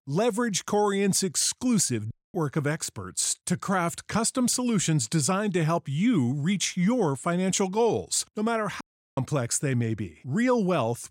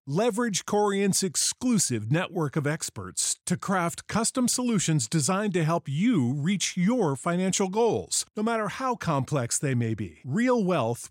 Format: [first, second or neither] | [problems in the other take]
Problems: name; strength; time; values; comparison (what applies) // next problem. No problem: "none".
second | audio cutting out; at 2 s and at 9 s